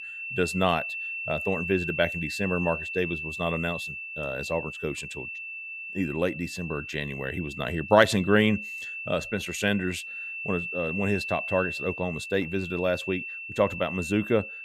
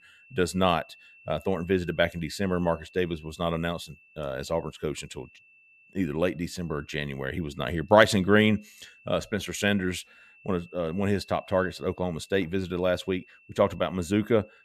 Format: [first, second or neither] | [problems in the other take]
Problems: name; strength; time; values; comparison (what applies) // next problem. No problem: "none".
second | high-pitched whine; loud; throughout; 2.5 kHz, 6 dB below the speech; faint in the second